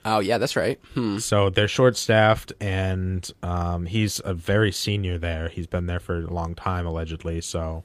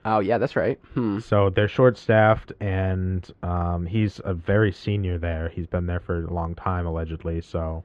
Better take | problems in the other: first | muffled; very; fading above 2 kHz

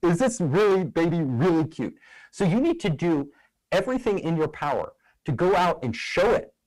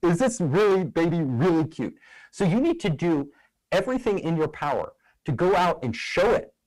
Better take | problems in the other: neither | distortion; heavy; 16% of the sound clipped; the same in both

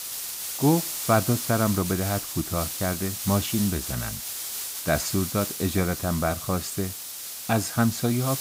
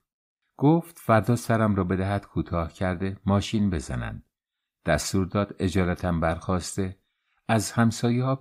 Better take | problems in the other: second | hiss; loud; throughout; 4 dB below the speech

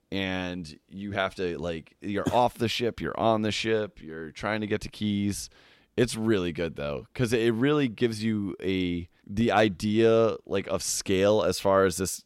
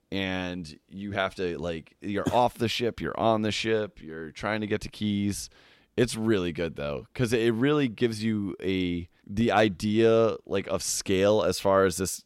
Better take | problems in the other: neither | none

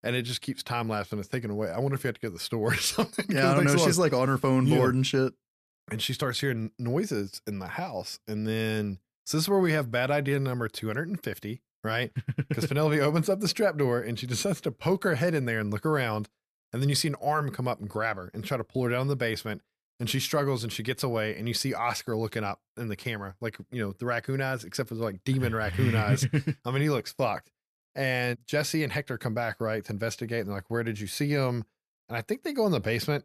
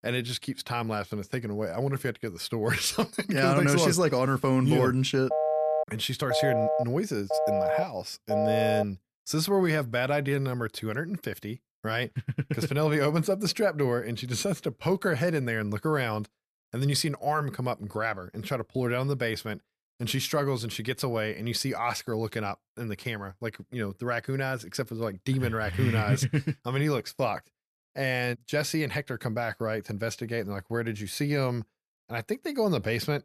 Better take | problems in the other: first | phone ringing; loud; from 5.5 to 9 s; peak 3 dB above the speech

